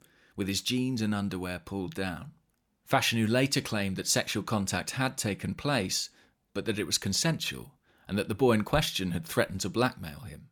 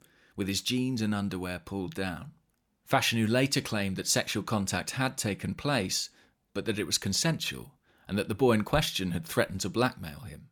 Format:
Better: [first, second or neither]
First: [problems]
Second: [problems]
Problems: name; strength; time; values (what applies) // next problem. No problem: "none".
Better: neither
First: none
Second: none